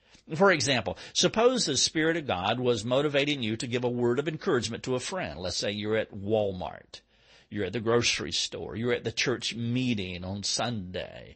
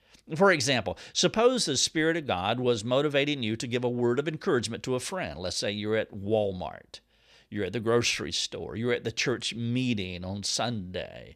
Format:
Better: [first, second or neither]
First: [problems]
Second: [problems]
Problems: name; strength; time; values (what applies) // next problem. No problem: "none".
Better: second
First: garbled, watery; slightly; nothing above 8 kHz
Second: none